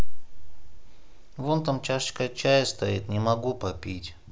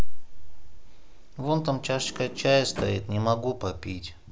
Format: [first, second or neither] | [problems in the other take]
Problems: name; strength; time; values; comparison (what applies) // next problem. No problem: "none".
first | background sound (Sliding door); 17 dB below the speech